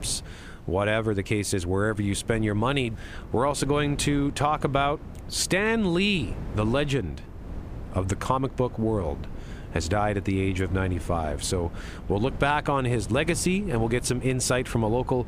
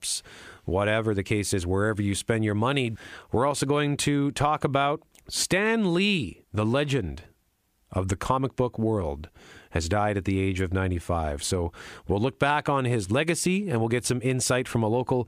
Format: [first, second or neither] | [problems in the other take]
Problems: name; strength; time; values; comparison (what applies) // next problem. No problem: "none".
second | wind noise on the microphone; occasional gusts; 20 dB below the speech